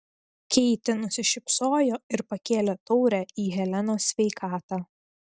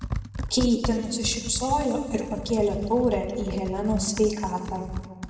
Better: first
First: none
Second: background sound (Computer keyboard); 8 dB below the speech // room echo; dies away in 1.5 s

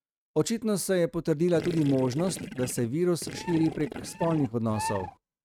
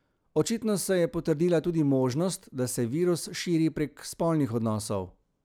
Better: second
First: noise reduction (neural mask model RNNoise)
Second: none

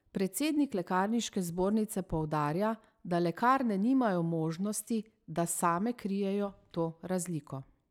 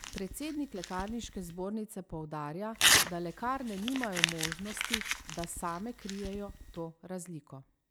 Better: first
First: none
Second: background sound (Crumpling, crinkling / Tearing); 3 dB above the speech

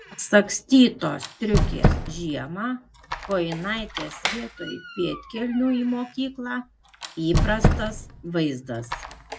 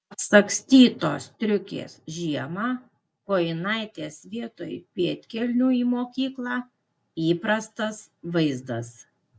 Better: second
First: background sound (Squeak); 2 dB below the speech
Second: none

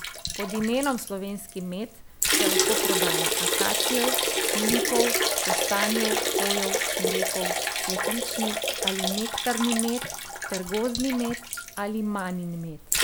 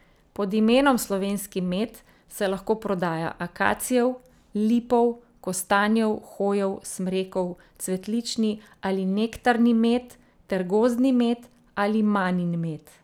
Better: second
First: background sound (Liquid); 3 dB above the speech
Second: none

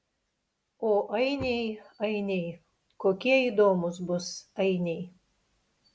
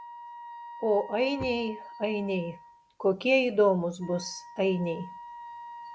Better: first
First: none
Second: background sound (Wind instrument, woodwind instrument); 16 dB below the speech

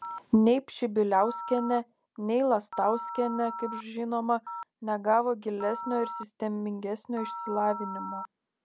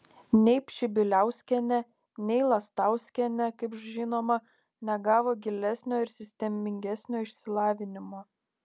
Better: second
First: background sound (Telephone); 11 dB below the speech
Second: none

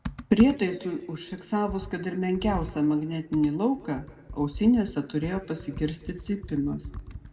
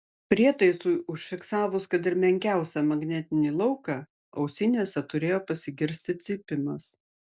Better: second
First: background sound (Computer keyboard); 13 dB below the speech // room echo; dies away in 1.3 s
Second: none

